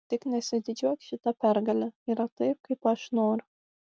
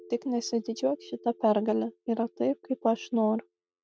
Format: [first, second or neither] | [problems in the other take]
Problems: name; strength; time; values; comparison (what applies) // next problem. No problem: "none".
first | noise reduction (neural mask model RNNoise)